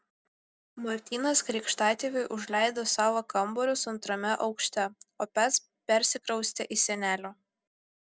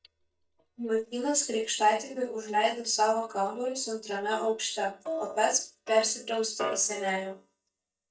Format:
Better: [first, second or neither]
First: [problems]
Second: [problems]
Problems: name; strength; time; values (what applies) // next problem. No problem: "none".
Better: first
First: none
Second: noise reduction (neural mask model DeepFilterNet 3)